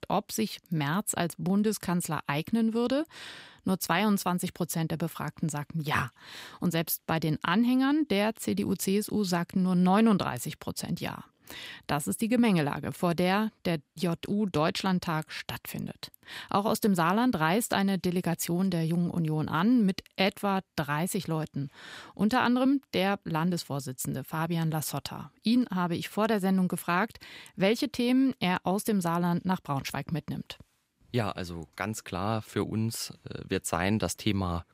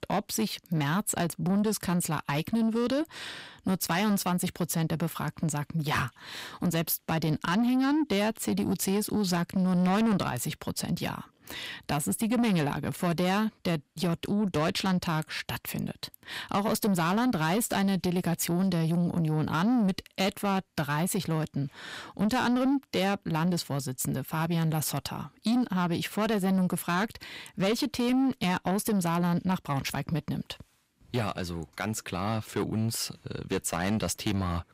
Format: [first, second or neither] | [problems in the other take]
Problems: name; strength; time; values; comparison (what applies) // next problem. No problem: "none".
first | distortion; slight; 10 dB below the speech